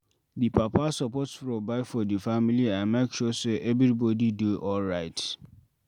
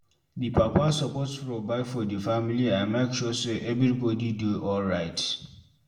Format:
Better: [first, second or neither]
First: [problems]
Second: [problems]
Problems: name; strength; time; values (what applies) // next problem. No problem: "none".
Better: first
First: none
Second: room echo; dies away in 0.5 s